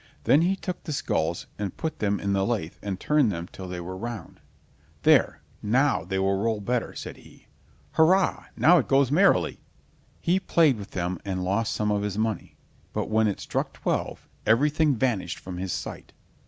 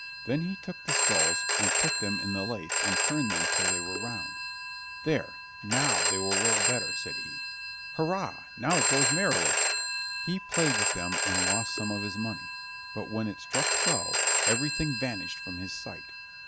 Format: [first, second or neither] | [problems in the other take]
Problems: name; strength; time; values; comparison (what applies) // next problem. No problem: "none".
first | background sound (Telephone); 5 dB above the speech